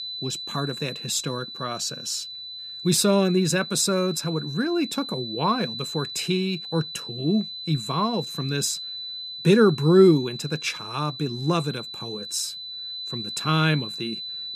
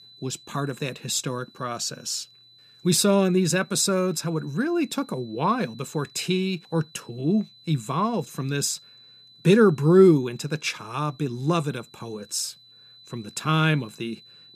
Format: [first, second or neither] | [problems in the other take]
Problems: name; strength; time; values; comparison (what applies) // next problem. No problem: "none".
second | high-pitched whine; loud; throughout; 4 kHz, 9 dB below the speech; faint in the second